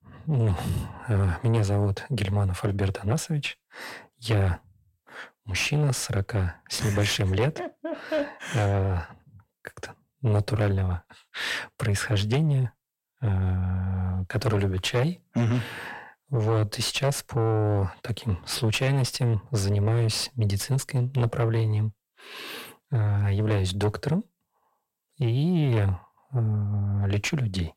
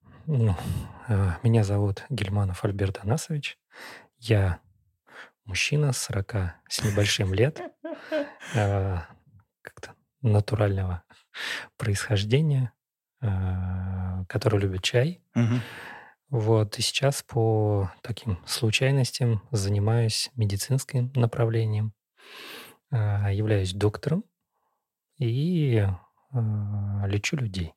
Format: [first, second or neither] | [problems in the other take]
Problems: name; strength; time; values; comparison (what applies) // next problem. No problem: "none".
second | distortion; slight; 10 dB below the speech